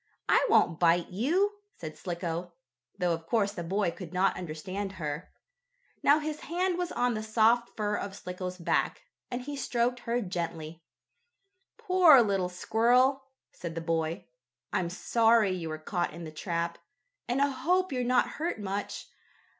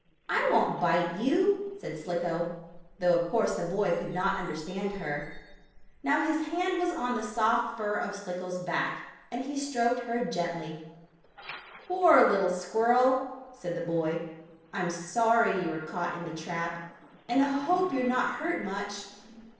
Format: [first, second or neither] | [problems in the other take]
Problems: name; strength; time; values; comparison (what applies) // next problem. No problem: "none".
first | noise reduction (neural separator model SepFormer DNS4)